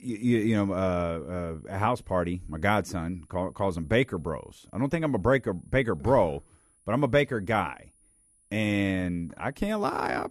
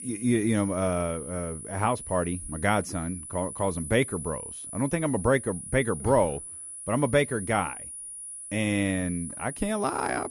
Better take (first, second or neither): first